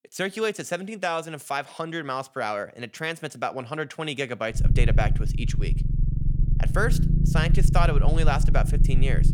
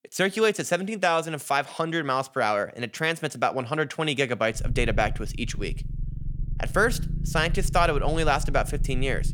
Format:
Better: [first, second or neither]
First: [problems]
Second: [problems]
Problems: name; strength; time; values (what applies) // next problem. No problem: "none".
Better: second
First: low rumble; loud; from 4.5 s on; 9 dB below the speech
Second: low rumble; faint; from 4.5 s on; 20 dB below the speech